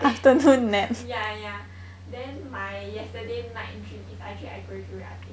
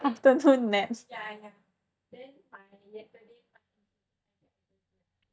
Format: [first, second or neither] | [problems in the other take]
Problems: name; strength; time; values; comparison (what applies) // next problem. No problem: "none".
first | noise reduction (neural mask model DeepFilterNet 3)